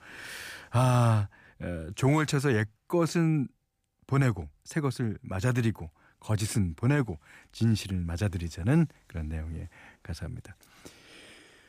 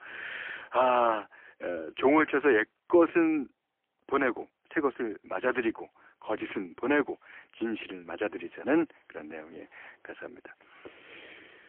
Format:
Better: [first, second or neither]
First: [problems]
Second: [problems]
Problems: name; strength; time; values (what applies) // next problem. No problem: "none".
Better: first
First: none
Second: phone-call audio; poor line; nothing above 3 kHz